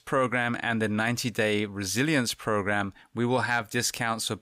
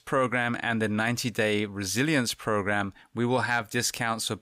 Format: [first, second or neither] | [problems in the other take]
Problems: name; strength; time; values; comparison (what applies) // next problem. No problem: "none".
neither | none